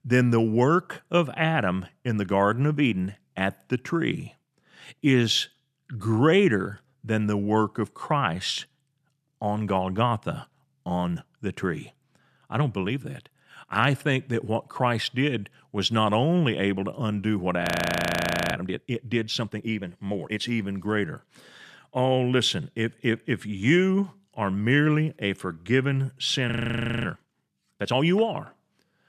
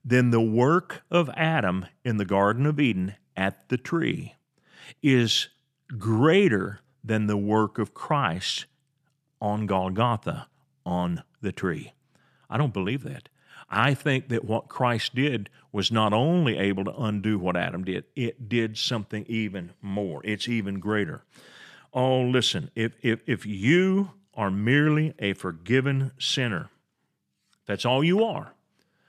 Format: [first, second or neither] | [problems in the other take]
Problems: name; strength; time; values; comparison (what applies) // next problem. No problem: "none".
second | audio freezing; at 18 s for 1 s and at 27 s for 0.5 s